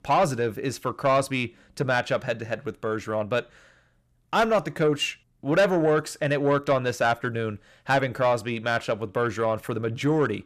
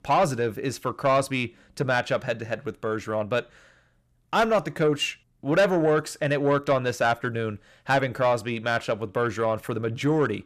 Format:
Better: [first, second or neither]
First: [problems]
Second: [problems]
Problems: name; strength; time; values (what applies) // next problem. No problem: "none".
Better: neither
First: distortion; slight; 10 dB below the speech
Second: distortion; slight; 10 dB below the speech